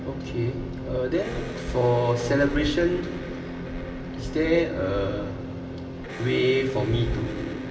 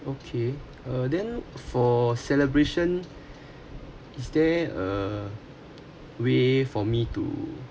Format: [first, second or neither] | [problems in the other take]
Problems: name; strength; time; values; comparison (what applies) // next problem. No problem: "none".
second | background sound (Electric guitar); 9 dB below the speech // room echo; dies away in 2.2 s